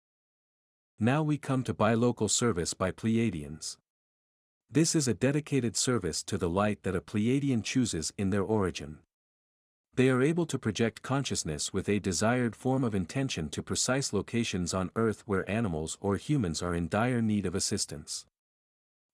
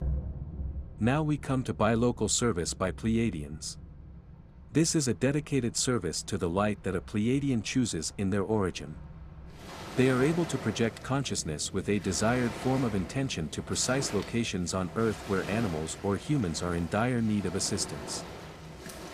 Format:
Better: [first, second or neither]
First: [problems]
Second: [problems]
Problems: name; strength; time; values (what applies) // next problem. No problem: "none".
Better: first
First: none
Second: rain or running water; noticeable; throughout; 15 dB below the speech